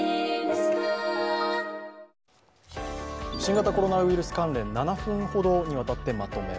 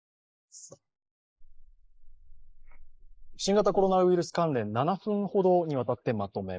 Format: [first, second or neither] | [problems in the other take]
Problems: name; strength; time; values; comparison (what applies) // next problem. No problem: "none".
first | noise reduction (neural mask model Resemble Enhance denoiser)